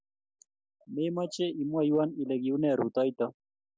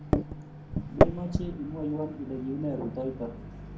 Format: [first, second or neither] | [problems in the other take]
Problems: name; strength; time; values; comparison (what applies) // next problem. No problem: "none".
first | background sound (Microwave oven); 5 dB above the speech // room echo; dies away in 0.6 s